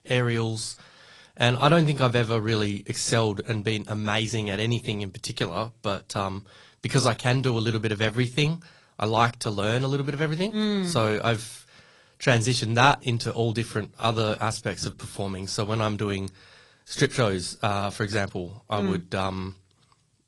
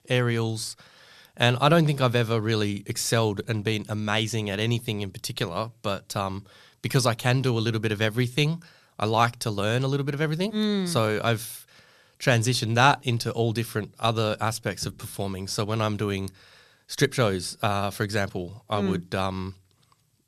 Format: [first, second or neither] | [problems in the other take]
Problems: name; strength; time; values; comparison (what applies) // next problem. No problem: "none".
second | garbled, watery; slightly; nothing above 10.5 kHz